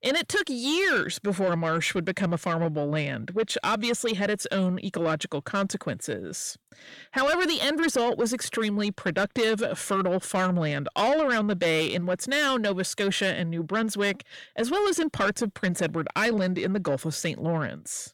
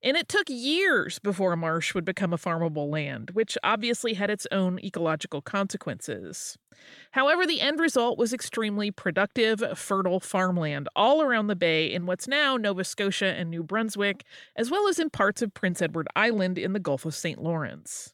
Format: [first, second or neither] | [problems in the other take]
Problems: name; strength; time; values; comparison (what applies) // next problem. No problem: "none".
second | distortion; slight; 10 dB below the speech